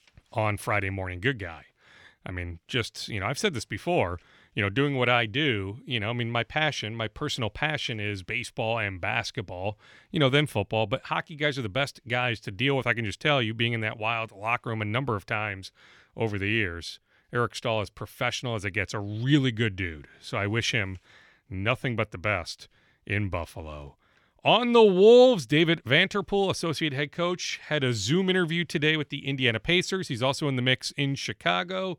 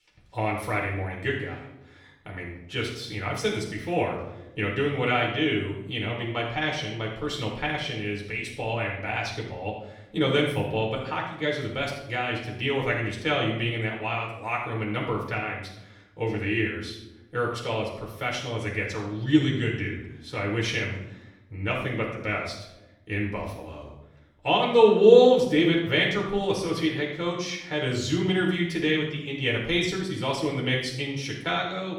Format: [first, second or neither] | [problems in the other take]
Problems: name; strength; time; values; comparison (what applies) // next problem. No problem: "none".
first | off-mic speech; far // room echo; noticeable; dies away in 0.7 s